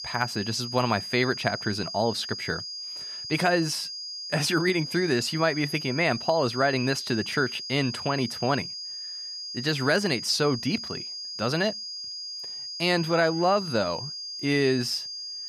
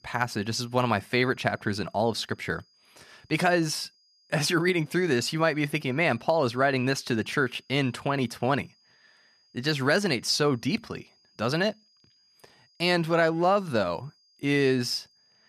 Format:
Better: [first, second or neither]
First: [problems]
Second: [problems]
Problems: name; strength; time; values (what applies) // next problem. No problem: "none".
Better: second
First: high-pitched whine; loud; throughout; 5 kHz, 7 dB below the speech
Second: high-pitched whine; faint; throughout; 5 kHz, 35 dB below the speech